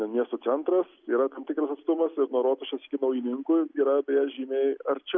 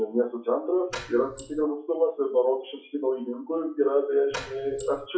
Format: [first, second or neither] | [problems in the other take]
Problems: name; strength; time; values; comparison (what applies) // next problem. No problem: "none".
first | noise reduction (classical method WPE with log-MMSE)